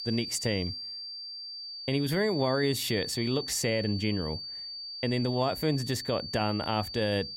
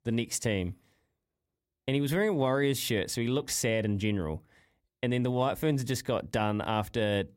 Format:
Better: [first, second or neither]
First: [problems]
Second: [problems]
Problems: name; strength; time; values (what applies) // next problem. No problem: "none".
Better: second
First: high-pitched whine; loud; throughout; 4.5 kHz, 7 dB below the speech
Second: none